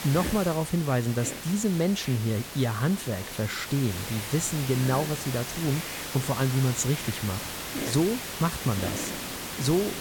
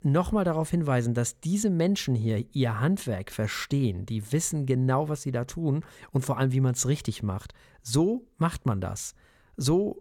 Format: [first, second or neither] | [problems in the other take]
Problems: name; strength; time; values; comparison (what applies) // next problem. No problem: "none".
second | hiss; loud; throughout; 6 dB below the speech